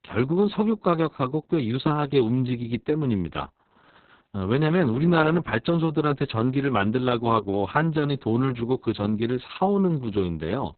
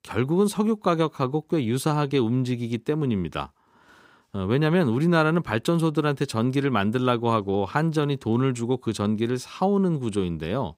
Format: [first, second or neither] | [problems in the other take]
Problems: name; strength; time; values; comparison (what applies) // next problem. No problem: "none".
second | garbled, watery; badly; nothing above 4 kHz